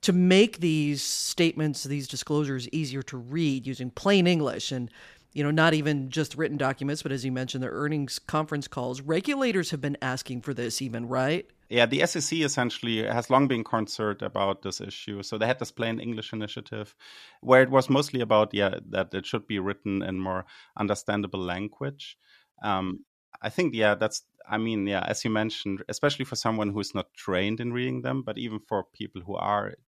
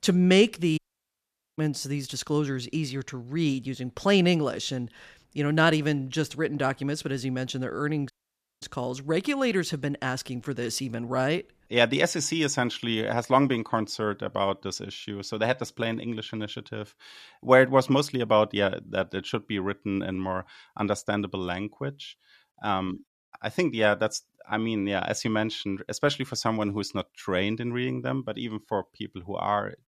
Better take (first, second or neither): first